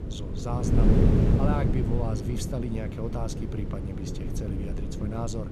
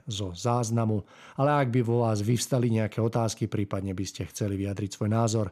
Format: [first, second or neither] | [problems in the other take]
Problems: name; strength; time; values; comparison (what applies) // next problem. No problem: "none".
second | wind noise on the microphone; heavy; 1 dB above the speech